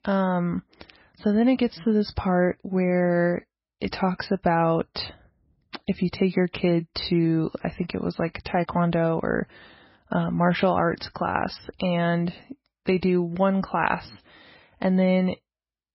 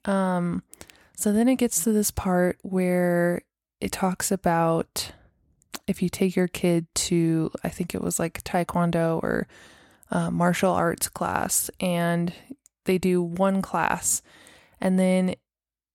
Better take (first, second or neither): second